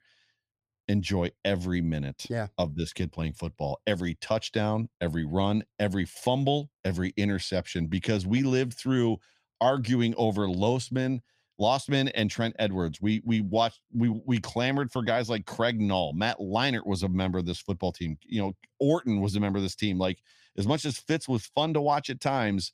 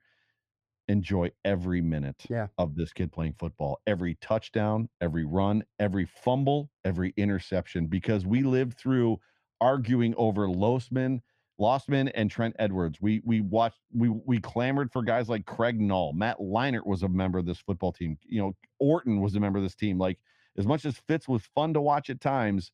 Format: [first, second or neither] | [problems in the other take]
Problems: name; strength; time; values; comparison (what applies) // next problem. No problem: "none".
first | muffled; slightly; fading above 3 kHz